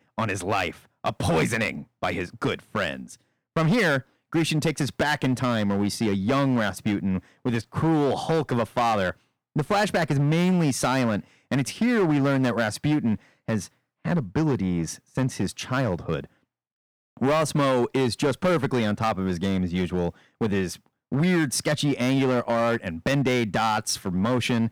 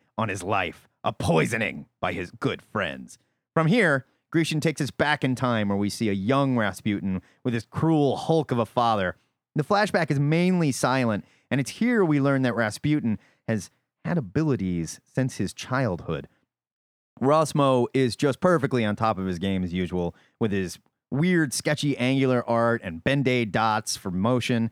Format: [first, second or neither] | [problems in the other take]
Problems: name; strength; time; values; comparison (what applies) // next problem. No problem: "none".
second | distortion; slight; 9% of the sound clipped